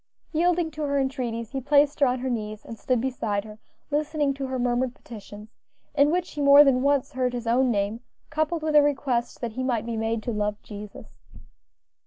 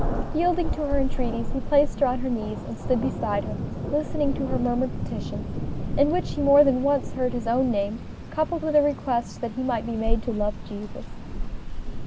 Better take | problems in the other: first | background sound (Thunder); 3 dB below the speech

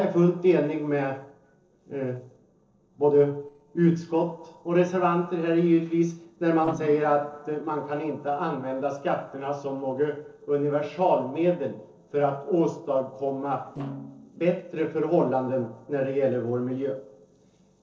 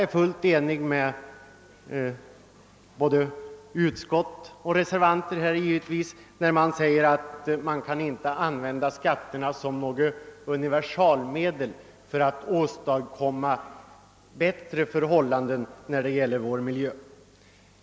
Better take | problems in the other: second | noise reduction (neural separator model SepFormer DNS4)

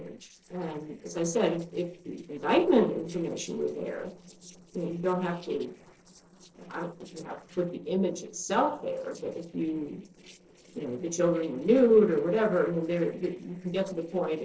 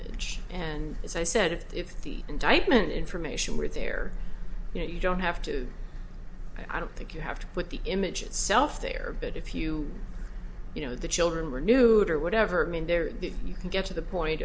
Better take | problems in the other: second | noise reduction (neural separator model SepFormer DNS4)

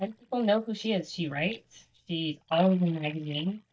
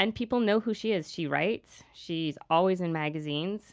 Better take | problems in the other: second | noise reduction (neural mask model DeepFilterNet 3)

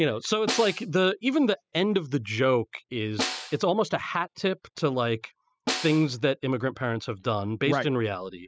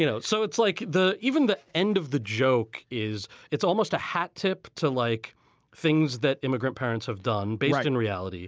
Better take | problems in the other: second | noise reduction (classical method spectral subtraction)

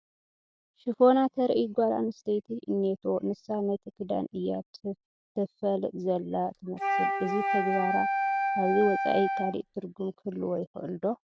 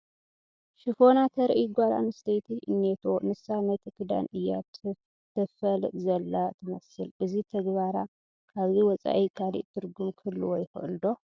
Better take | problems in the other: second | background sound (Wind instrument, woodwind instrument); as loud as the speech

